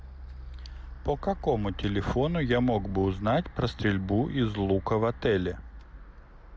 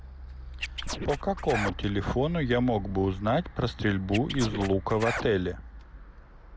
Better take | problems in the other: first | background sound (Scratching (performance technique)); 6 dB below the speech

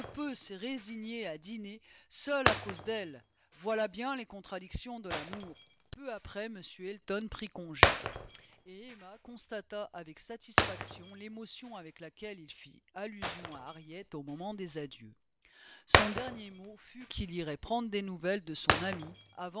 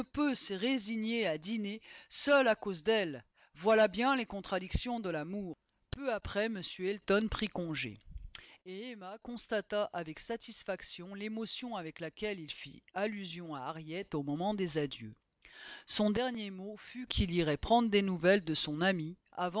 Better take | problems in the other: second | background sound (Shatter); 3 dB above the speech

